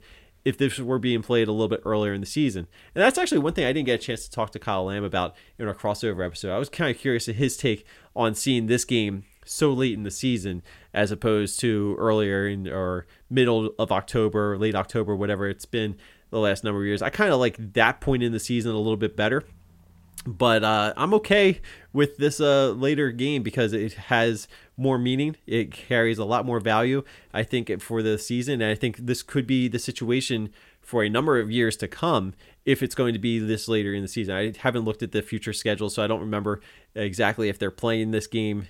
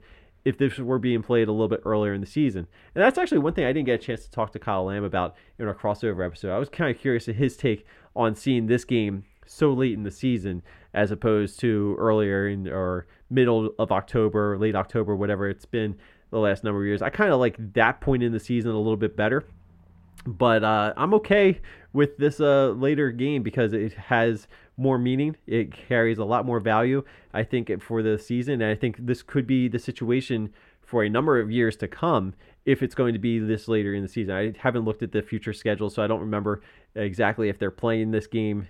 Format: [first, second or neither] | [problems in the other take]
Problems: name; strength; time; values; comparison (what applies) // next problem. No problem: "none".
first | muffled; slightly; fading above 3.5 kHz